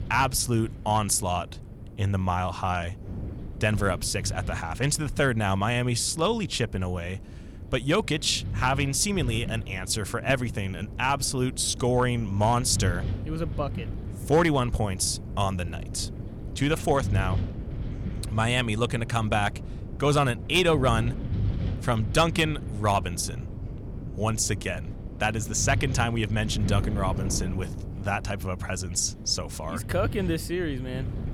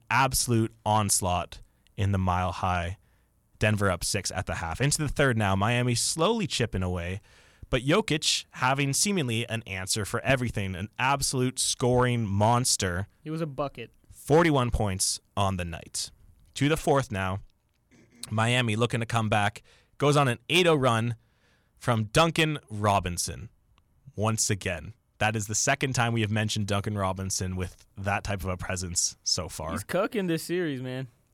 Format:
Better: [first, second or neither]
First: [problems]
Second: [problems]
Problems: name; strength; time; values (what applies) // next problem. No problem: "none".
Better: second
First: wind noise on the microphone; occasional gusts; 20 dB below the speech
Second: none